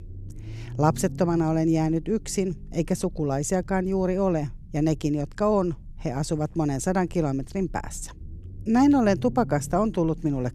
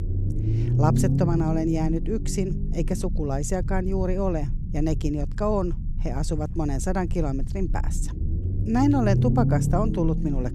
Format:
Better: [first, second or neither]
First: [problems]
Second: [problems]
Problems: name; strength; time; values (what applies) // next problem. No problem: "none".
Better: first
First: low rumble; faint; throughout; 25 dB below the speech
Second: low rumble; loud; throughout; 9 dB below the speech